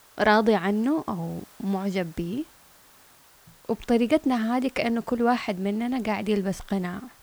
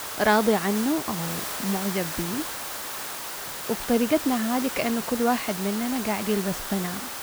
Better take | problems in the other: first | hiss; loud; throughout; 5 dB below the speech; faint in the first

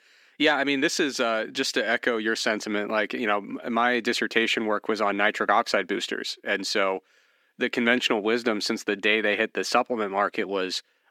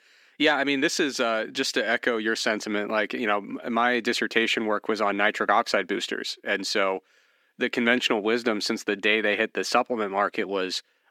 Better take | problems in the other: neither | thin; very slightly; fading below 250 Hz; the same in both

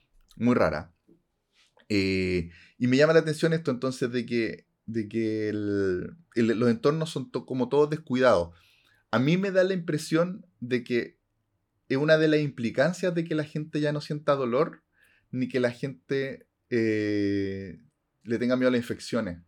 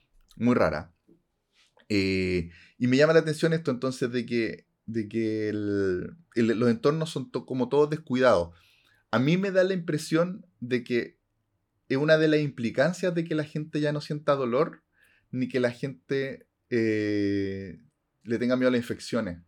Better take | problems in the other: neither | none

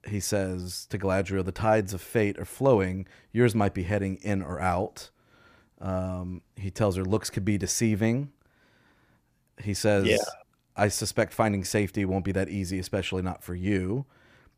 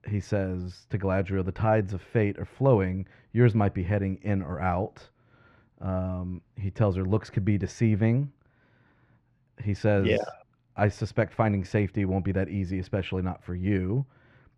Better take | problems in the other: first | muffled; slightly; fading above 2.5 kHz

